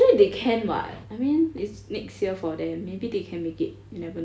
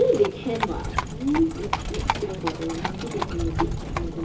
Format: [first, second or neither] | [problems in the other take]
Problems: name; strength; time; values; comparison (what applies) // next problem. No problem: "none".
first | background sound (Livestock, farm animals, working animals); 2 dB below the speech // room echo; dies away in 0.2 s